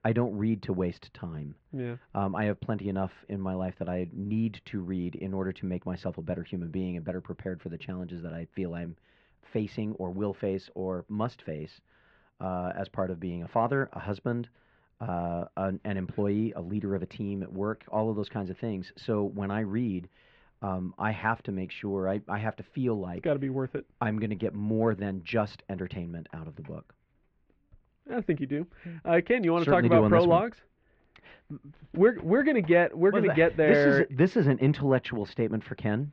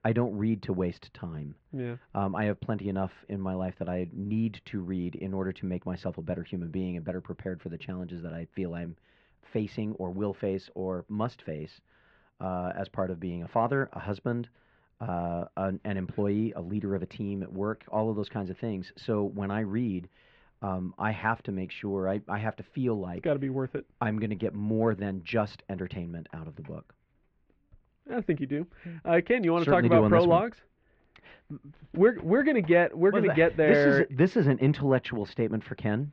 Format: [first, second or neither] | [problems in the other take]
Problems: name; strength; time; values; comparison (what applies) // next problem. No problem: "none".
neither | muffled; very; fading above 2.5 kHz; the same in both